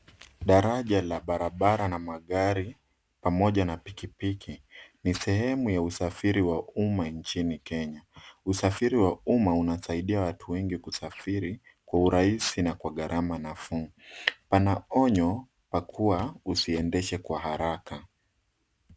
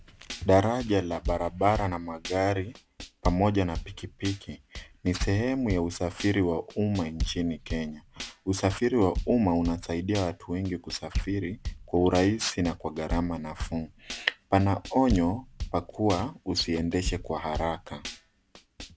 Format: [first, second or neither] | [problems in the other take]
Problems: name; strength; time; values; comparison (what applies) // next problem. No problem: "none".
first | background sound (Drum / Drum kit); 10 dB below the speech